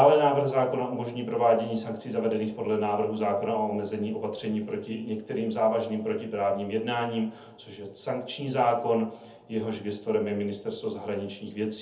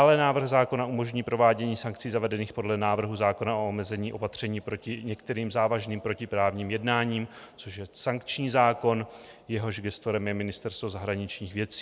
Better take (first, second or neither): second